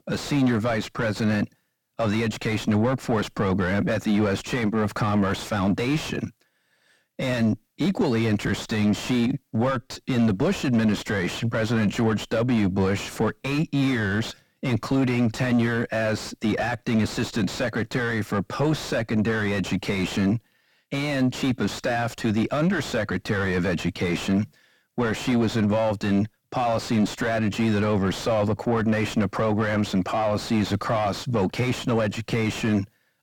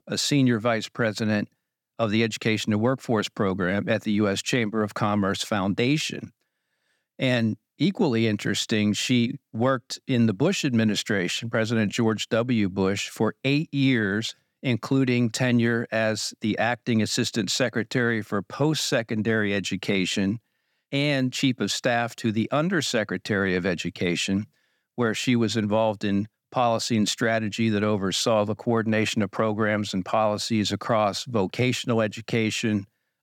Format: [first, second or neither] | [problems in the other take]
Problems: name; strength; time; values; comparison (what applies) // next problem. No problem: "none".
second | distortion; heavy; 6 dB below the speech